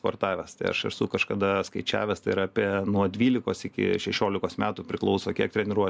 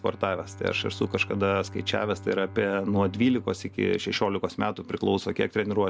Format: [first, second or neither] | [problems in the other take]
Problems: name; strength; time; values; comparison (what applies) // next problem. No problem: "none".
first | background sound (Bowed string instrument); 17 dB below the speech